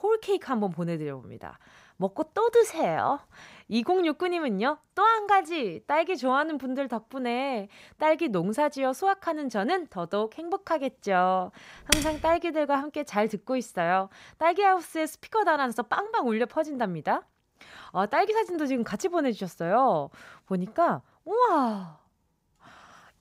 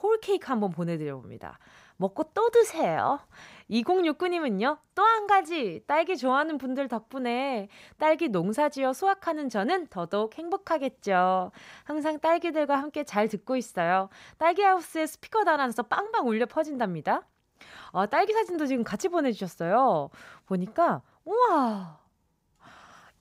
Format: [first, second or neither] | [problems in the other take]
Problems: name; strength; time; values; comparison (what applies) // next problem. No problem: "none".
second | keyboard typing; loud; at 12 s; peak 1 dB above the speech